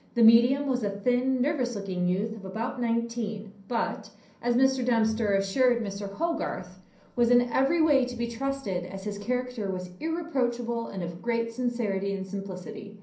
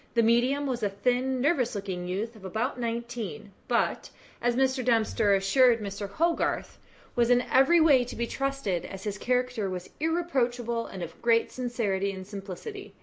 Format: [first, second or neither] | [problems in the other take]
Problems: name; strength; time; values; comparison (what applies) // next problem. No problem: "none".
second | room echo; dies away in 0.6 s